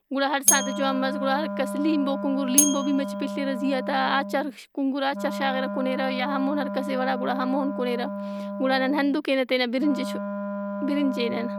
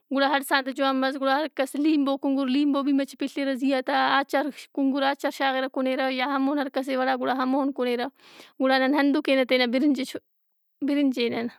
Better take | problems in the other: second | background sound (Bell + Wind instrument, woodwind instrument); 4 dB below the speech

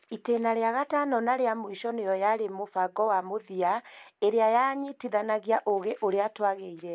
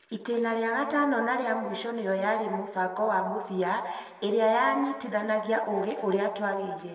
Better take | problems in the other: first | room echo; dies away in 1.6 s

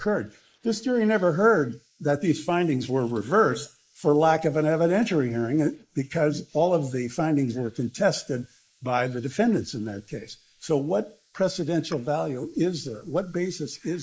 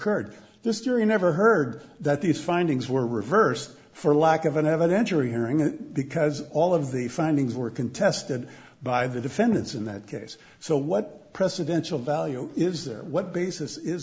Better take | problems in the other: second | noise reduction (neural mask model Resemble Enhance denoiser)

